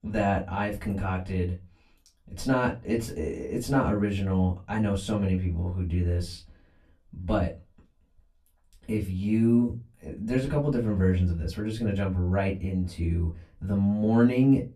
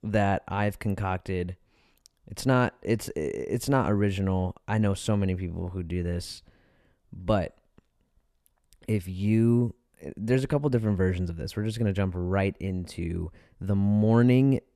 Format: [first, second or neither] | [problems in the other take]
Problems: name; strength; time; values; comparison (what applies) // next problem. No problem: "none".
second | off-mic speech; far // room echo; very slight; dies away in 0.2 s